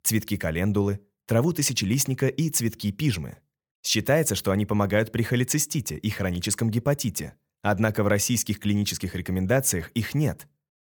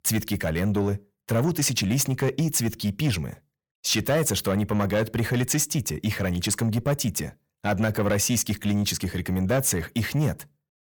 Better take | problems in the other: first | distortion; slight; 10 dB below the speech

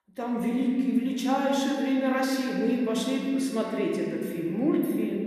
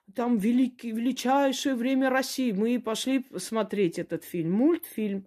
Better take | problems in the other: second | room echo; noticeable; dies away in 2.1 s // off-mic speech; somewhat distant

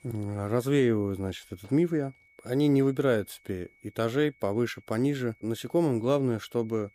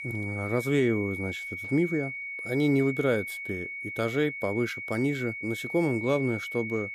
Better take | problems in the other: first | high-pitched whine; loud; throughout; 2 kHz, 6 dB below the speech; faint in the first

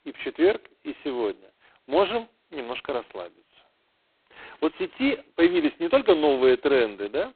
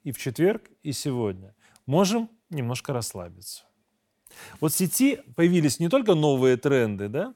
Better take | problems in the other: second | phone-call audio; poor line; nothing above 4 kHz

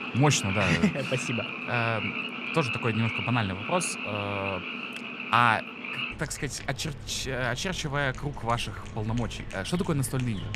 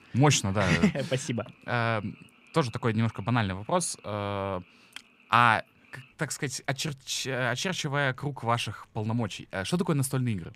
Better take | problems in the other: second | animal sounds; loud; throughout; 5 dB below the speech; faint in the second

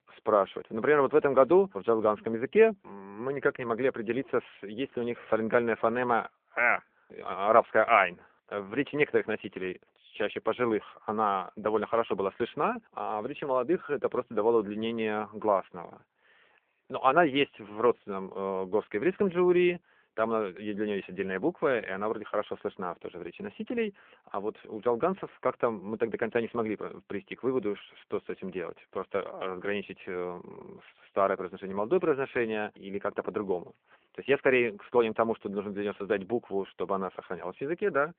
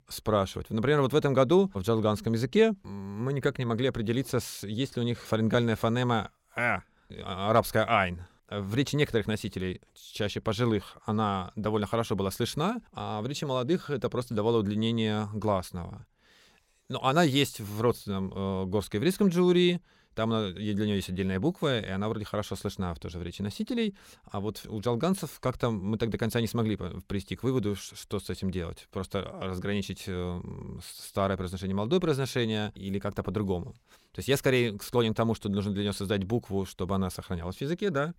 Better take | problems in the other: second | phone-call audio; nothing above 3.5 kHz

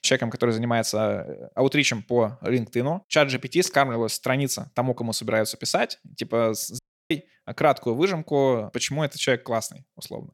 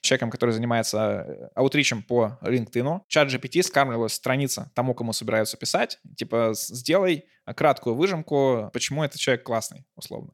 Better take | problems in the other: second | audio cutting out; at 7 s

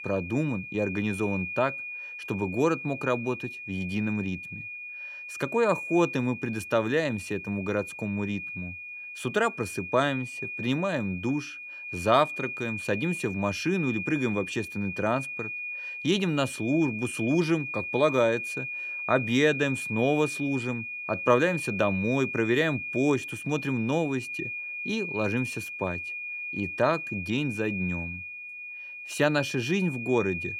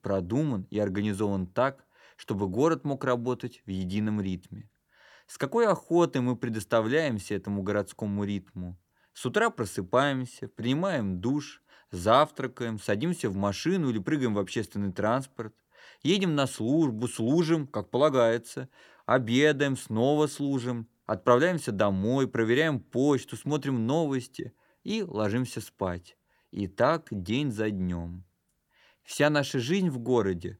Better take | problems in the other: second | high-pitched whine; loud; throughout; 2.5 kHz, 6 dB below the speech

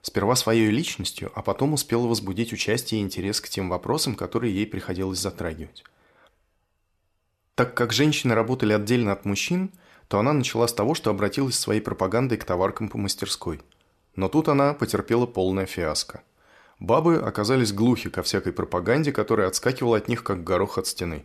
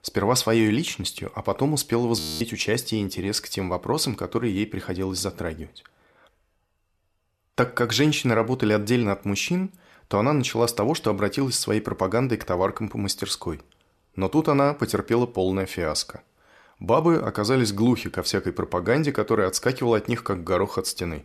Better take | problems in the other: first | audio freezing; at 2 s

